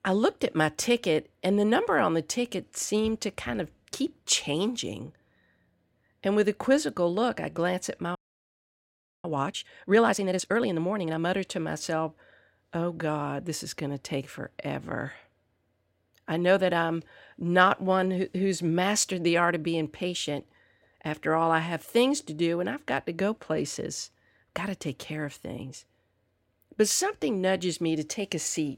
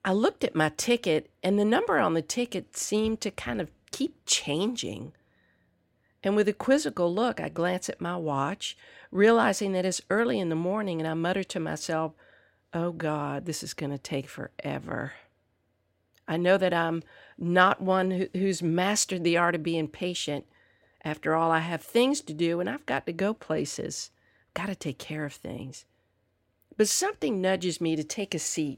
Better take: second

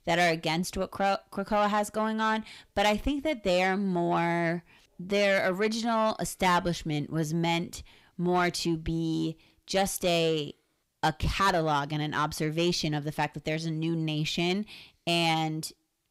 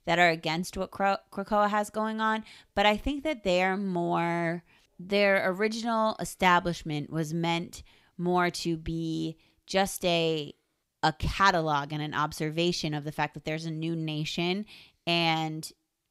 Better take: second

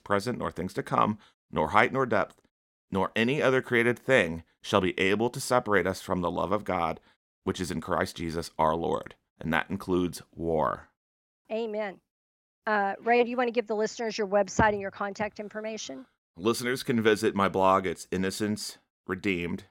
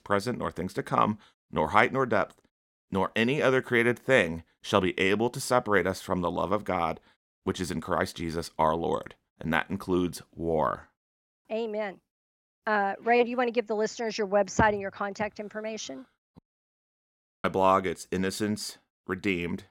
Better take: first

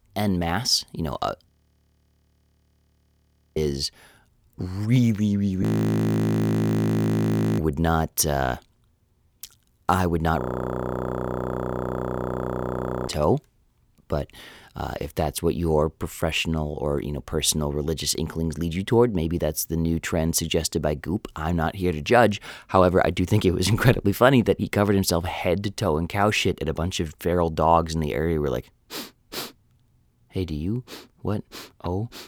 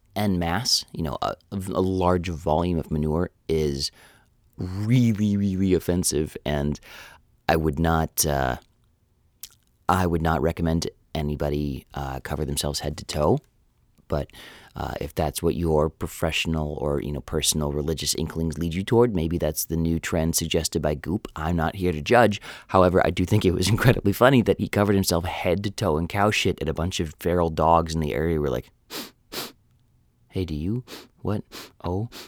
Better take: second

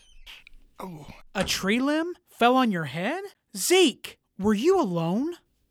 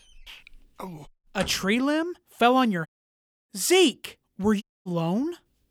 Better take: first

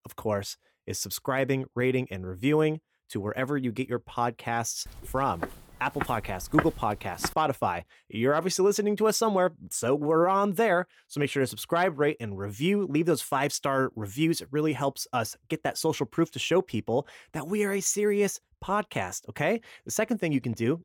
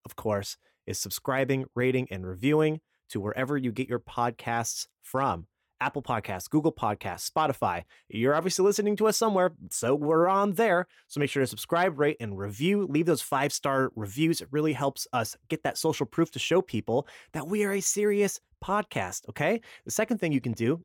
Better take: second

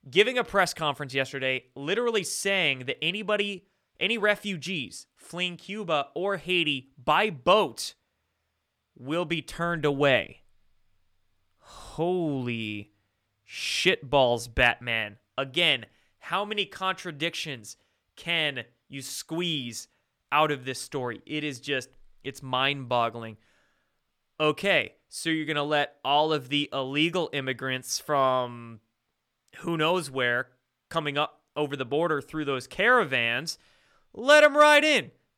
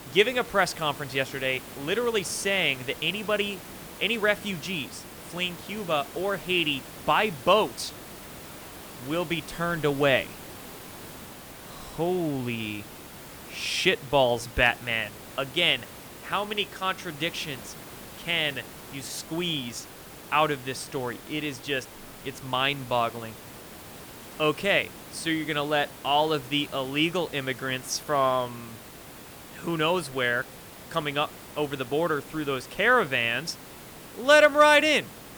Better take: first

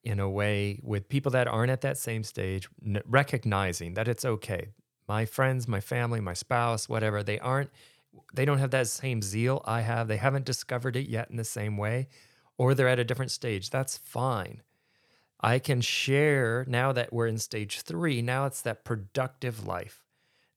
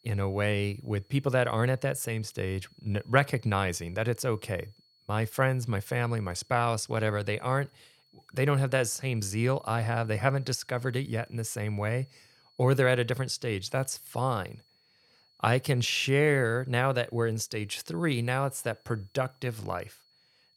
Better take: first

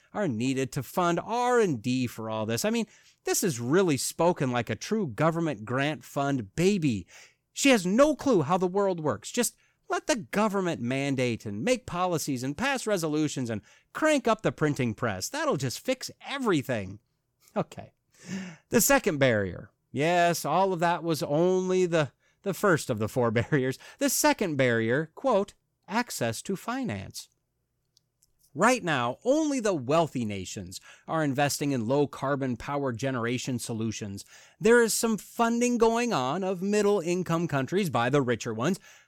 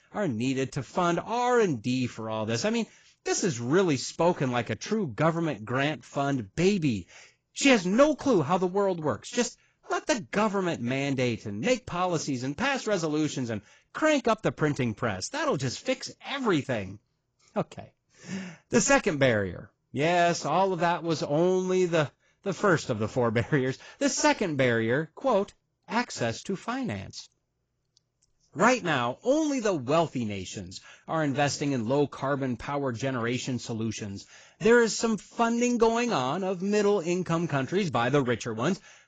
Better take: first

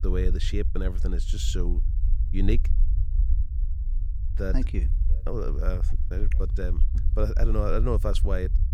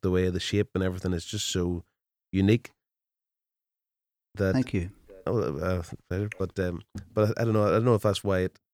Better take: second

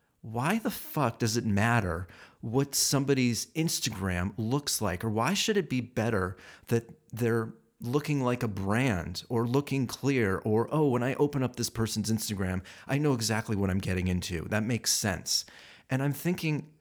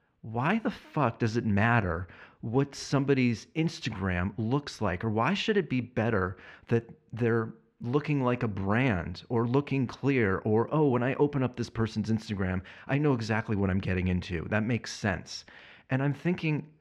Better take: first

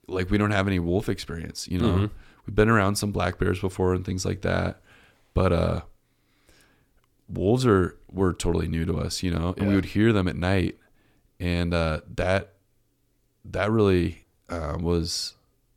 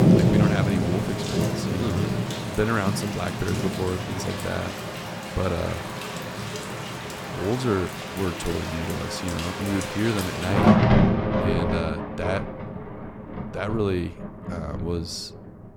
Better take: first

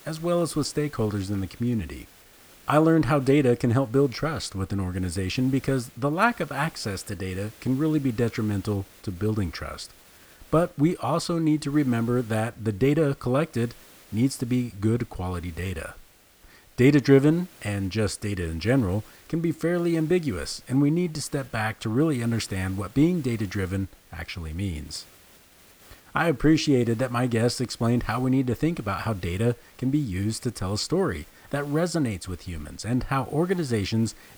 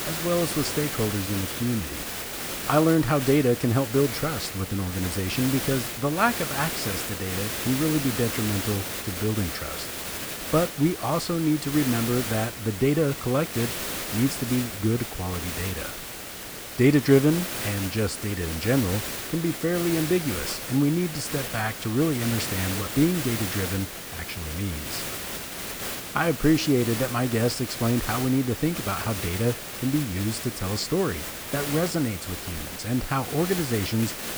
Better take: first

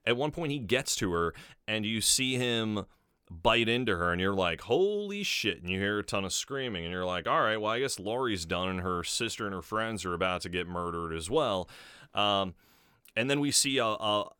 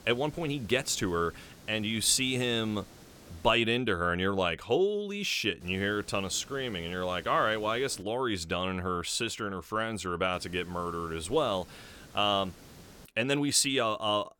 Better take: first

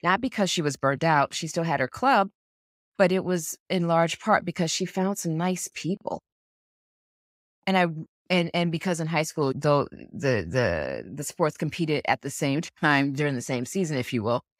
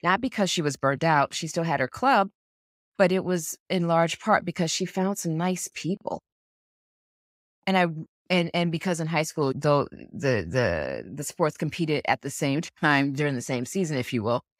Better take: neither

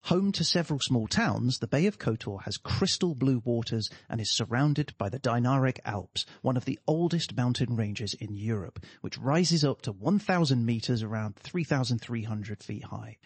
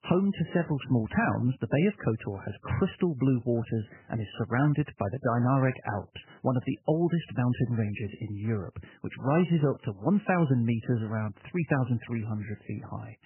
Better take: first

